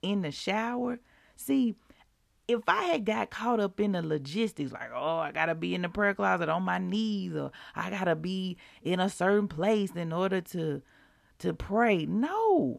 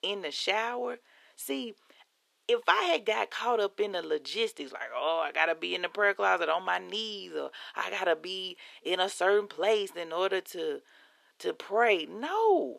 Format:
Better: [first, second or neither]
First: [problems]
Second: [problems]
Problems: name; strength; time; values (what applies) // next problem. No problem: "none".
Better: first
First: none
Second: thin; very; fading below 400 Hz